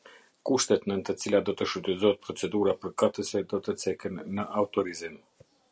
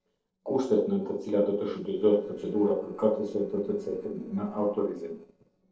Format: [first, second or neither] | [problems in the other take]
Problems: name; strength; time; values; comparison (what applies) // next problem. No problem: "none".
first | noise reduction (neural separator model SepFormer DNS4)